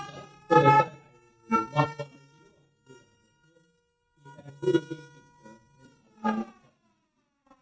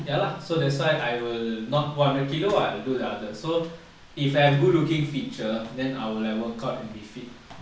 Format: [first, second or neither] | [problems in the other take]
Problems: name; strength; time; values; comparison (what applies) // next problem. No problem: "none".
second | noise reduction (neural mask model RNNoise)